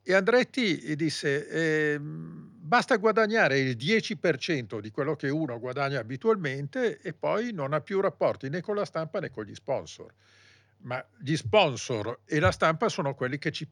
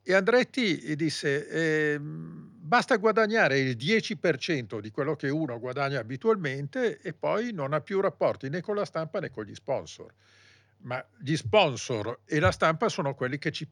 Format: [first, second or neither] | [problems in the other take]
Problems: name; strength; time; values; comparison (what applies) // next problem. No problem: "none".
neither | none